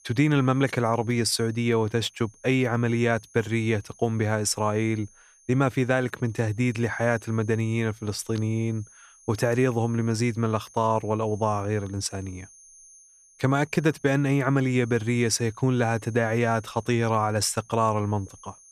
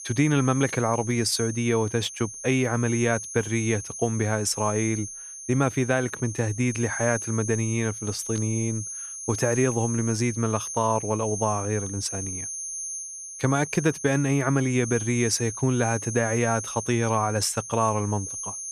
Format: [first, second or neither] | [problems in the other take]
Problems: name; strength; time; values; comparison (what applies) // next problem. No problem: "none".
first | high-pitched whine; loud; throughout; 6.5 kHz, 8 dB below the speech; faint in the first